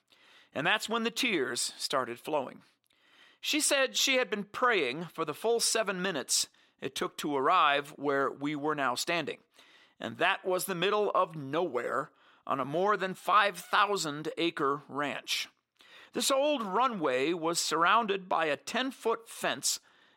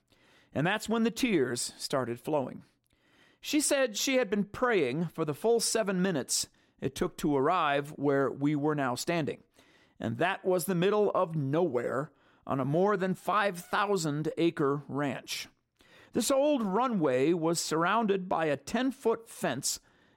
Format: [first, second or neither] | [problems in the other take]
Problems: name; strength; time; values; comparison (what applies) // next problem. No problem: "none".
second | thin; somewhat; fading below 1 kHz